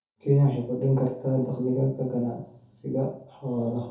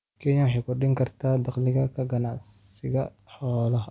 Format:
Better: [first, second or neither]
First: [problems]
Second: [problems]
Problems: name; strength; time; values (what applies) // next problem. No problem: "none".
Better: second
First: room echo; dies away in 0.5 s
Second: none